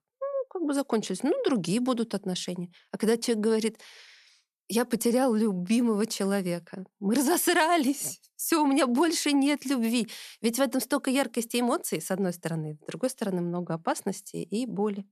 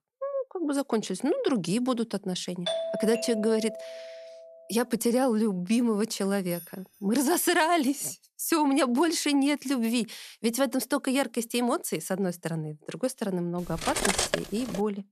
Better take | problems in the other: first | doorbell; noticeable; from 2.5 to 4.5 s; peak 3 dB below the speech // jangling keys; faint; at 6.5 s; peak 15 dB below the speech // clattering dishes; loud; from 14 s on; peak 2 dB above the speech

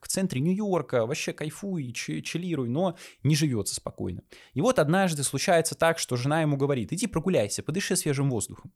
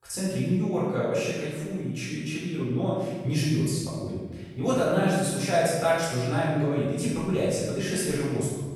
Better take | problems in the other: first | off-mic speech; far // room echo; strong; dies away in 1.2 s

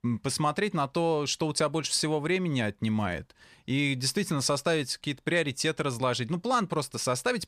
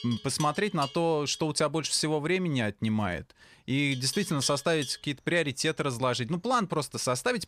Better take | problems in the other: first | animal sounds; noticeable; throughout; 15 dB below the speech

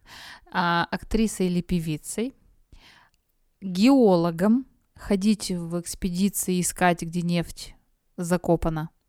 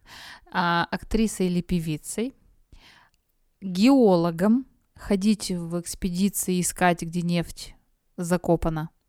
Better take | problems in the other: neither | none

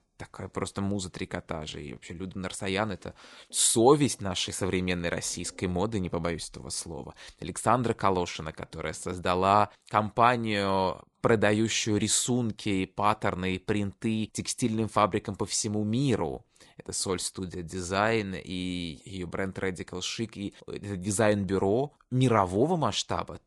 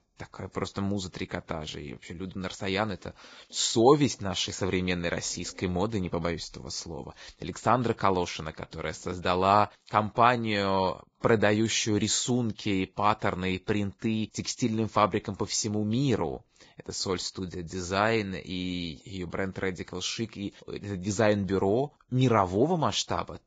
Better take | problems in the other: first | garbled, watery; badly; nothing above 7.5 kHz; slightly in the first

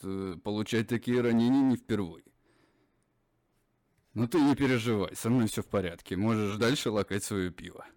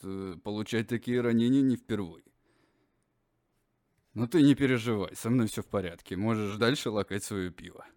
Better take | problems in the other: second | distortion; slight; 6% of the sound clipped

